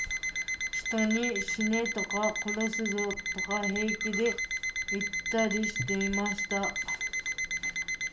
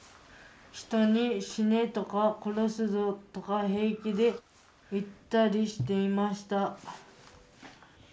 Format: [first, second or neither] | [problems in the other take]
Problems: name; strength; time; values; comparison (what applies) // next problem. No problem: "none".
second | background sound (Alarm); as loud as the speech